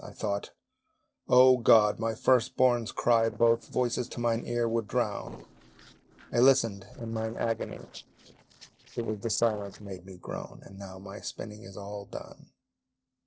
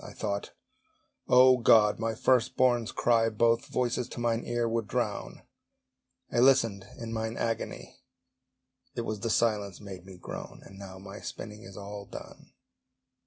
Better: second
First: noise reduction (neural separator model SepFormer DNS4)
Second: none

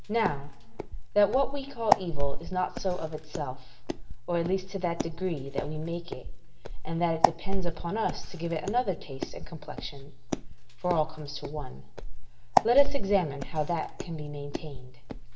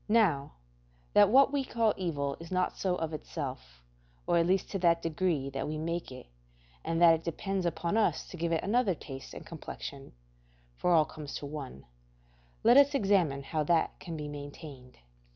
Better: second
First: background sound (Walk, footsteps); 4 dB above the speech // room echo; dies away in 0.7 s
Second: none

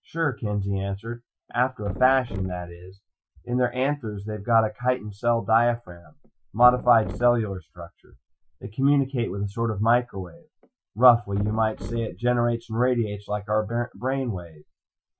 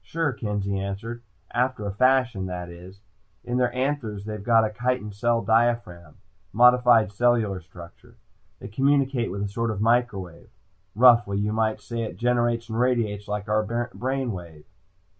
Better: second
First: noise reduction (classical method Wiener filter)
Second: none

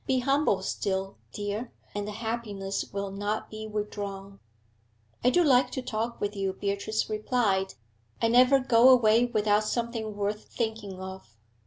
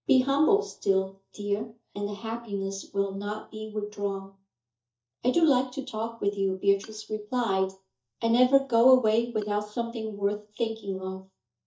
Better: first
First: none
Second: noise reduction (neural mask model DeepFilterNet 3)

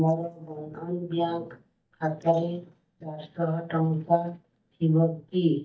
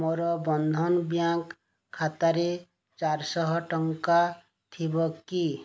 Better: second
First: noise reduction (neural mask model DeepFilterNet 3)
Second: none

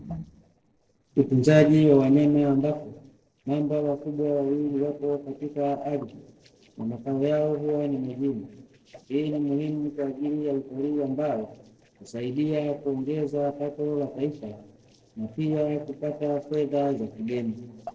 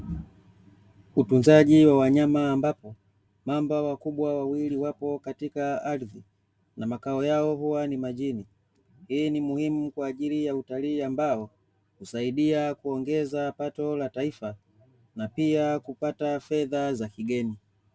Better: second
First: noise reduction (neural separator model SepFormer DNS4)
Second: none

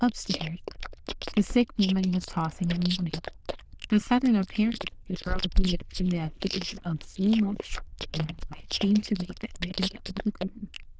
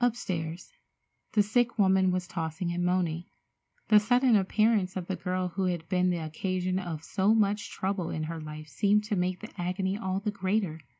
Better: second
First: noise reduction (neural diffusion model UNIVERSE++)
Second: none

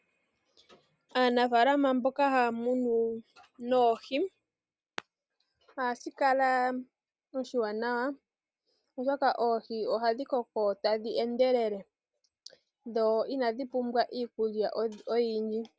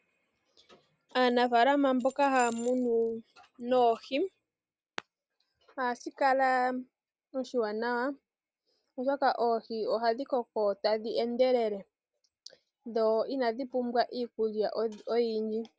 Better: first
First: none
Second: background sound (Keys jangling); 19 dB below the speech

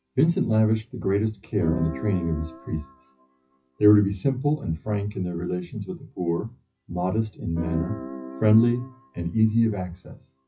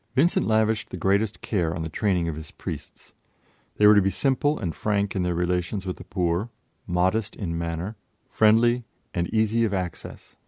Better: second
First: noise reduction (classical method WPE with log-MMSE)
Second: none

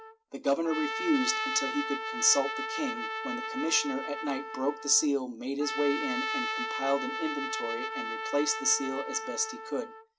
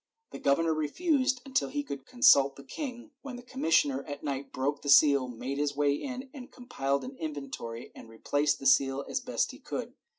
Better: second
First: background sound (Trumpet); 4 dB below the speech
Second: none

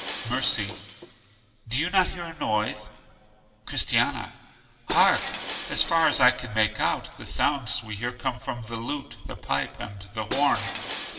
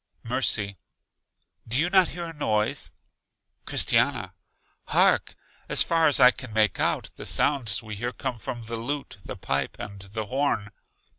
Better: second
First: background sound (Shatter); 12 dB below the speech // room echo; dies away in 2.4 s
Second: none

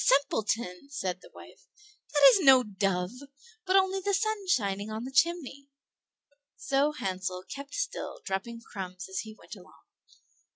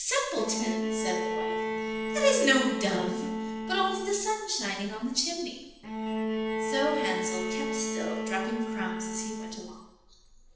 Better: first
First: none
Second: background sound (Bowed string instrument); 2 dB below the speech // room echo; dies away in 0.9 s

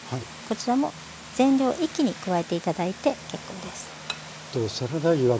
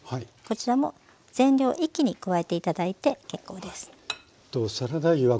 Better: second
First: background sound (Vehicle); 15 dB below the speech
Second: none

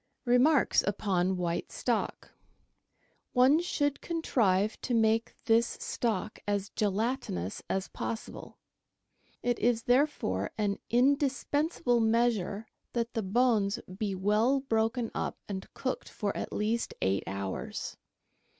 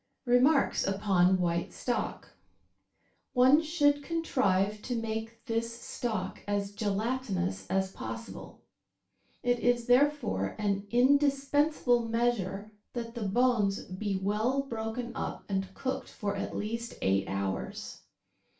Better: first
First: none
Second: room echo; dies away in 0.3 s

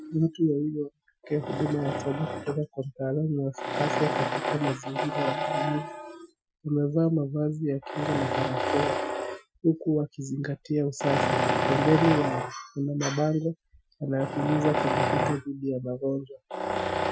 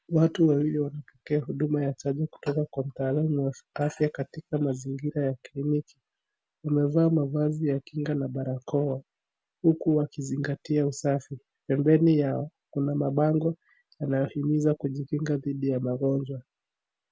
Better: second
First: noise reduction (classical method Wiener filter)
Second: none

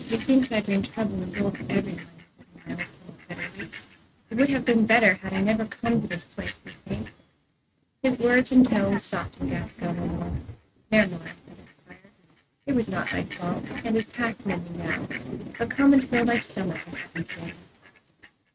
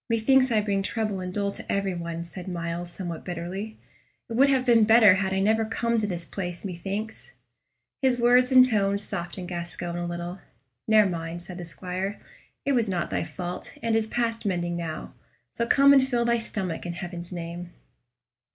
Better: second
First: noise reduction (neural mask model RNNoise)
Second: none

